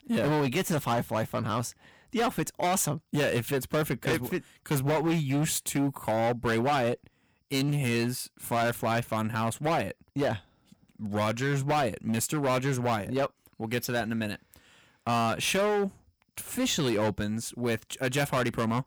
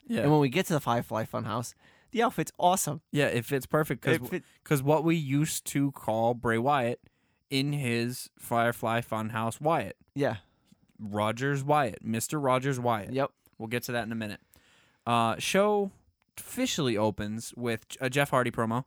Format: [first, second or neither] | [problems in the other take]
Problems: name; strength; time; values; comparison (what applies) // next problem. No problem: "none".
second | distortion; heavy; 13% of the sound clipped